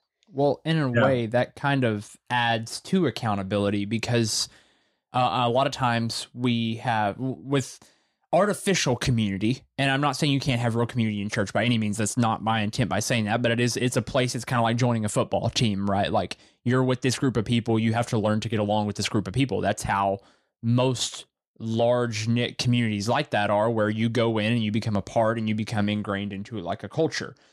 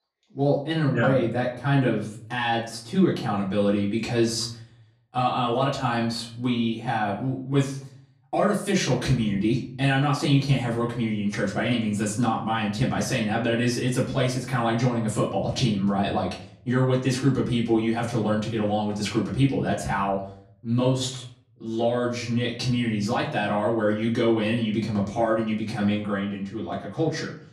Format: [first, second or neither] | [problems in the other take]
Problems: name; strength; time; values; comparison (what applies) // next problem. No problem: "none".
first | off-mic speech; far // room echo; slight; dies away in 0.5 s